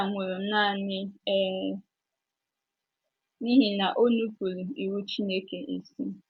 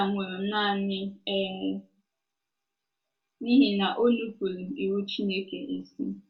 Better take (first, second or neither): first